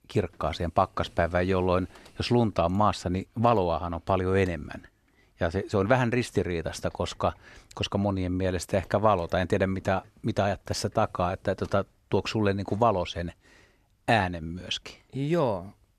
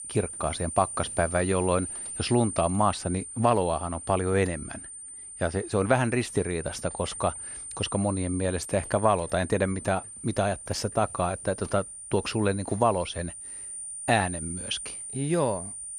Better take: first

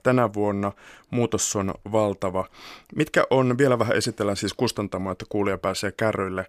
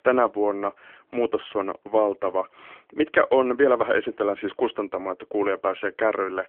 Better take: first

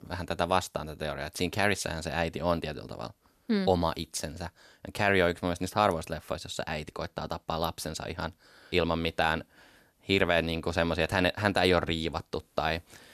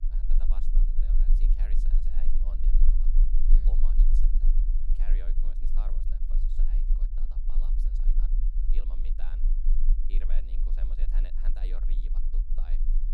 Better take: first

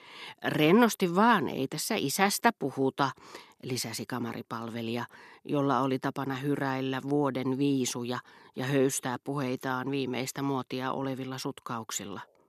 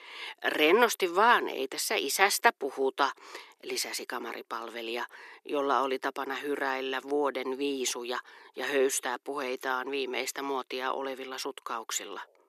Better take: first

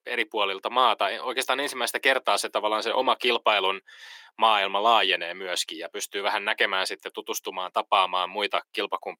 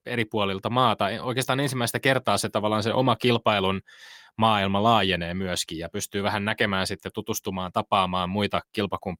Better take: second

